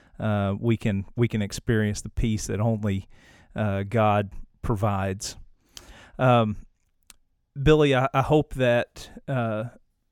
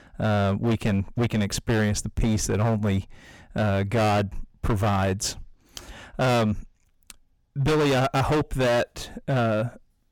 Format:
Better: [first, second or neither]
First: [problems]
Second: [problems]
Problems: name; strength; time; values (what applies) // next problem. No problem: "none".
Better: first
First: none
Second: distortion; heavy; 18% of the sound clipped